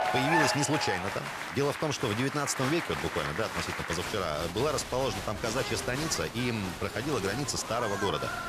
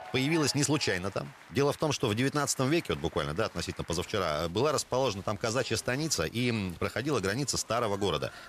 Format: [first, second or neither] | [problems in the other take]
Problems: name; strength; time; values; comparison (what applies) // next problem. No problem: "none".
second | crowd noise; loud; throughout; 3 dB below the speech; faint in the second